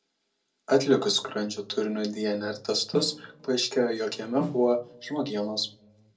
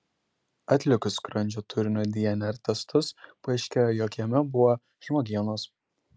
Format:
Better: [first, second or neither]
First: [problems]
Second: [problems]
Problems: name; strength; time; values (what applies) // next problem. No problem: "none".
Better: second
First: noise reduction (neural separator model SepFormer DNS4)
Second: none